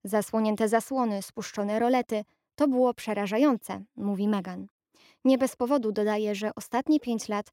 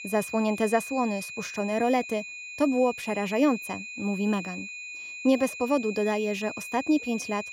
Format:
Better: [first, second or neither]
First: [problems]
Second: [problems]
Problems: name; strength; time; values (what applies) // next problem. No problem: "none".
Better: first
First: none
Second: high-pitched whine; loud; throughout; 2.5 kHz, 9 dB below the speech